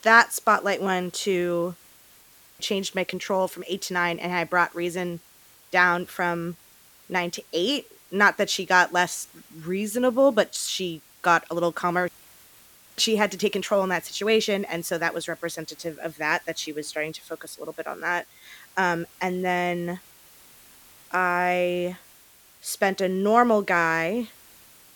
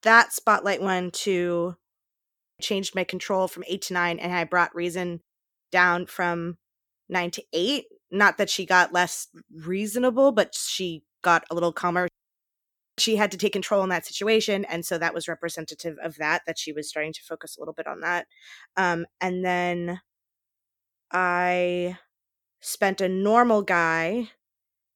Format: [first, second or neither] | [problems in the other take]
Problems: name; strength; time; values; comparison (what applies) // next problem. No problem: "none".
second | hiss; faint; throughout; 25 dB below the speech